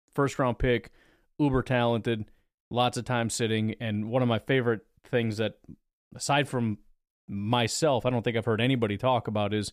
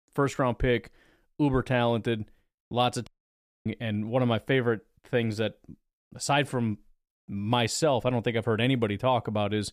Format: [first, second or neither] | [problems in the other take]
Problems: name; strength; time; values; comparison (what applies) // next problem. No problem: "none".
first | audio cutting out; at 3 s for 0.5 s